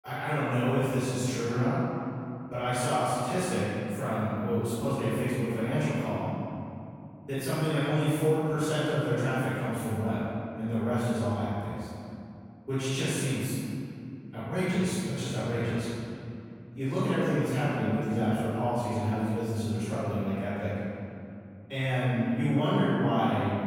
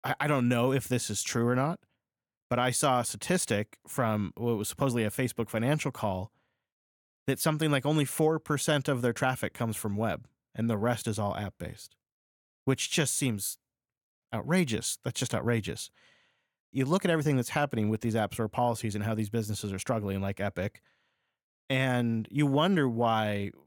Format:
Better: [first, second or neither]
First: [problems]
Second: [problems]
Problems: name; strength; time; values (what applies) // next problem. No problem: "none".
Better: second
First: off-mic speech; far // room echo; strong; dies away in 2.7 s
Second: none